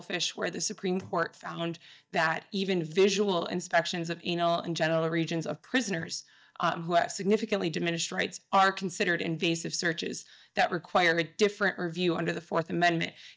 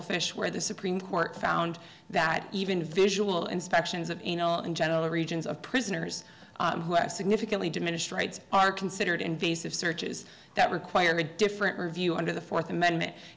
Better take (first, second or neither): second